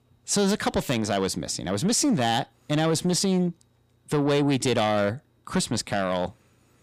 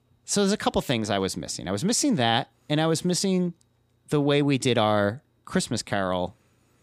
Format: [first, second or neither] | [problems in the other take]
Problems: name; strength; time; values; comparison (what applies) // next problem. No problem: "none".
second | distortion; slight; 10 dB below the speech